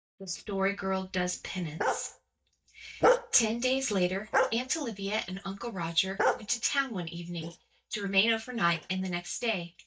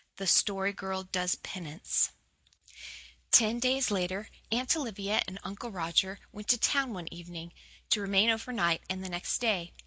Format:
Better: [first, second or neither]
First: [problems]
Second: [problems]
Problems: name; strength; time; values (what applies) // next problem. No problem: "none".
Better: second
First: noise reduction (neural mask model DeepFilterNet 3)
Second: none